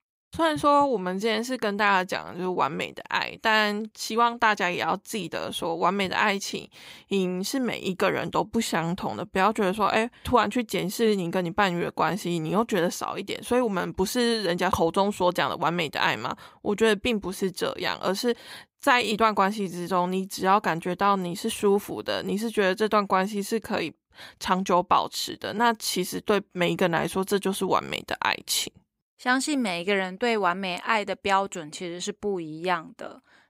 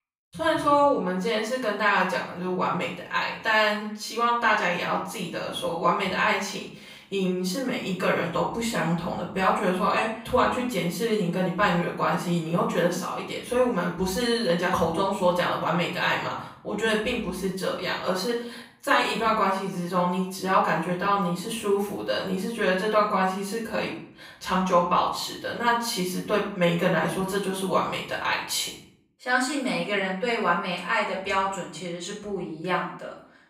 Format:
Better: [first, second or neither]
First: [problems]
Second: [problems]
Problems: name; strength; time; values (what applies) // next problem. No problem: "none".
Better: first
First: none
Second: room echo; noticeable; dies away in 0.5 s // off-mic speech; far